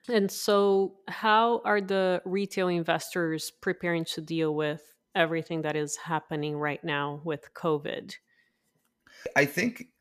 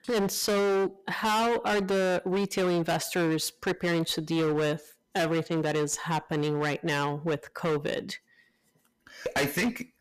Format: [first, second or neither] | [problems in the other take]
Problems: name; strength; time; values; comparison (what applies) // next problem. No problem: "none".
first | distortion; heavy; 21% of the sound clipped